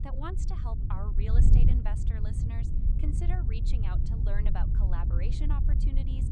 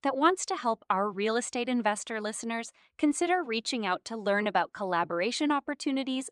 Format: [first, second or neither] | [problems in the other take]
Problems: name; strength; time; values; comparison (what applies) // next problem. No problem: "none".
second | wind noise on the microphone; heavy; 1 dB below the speech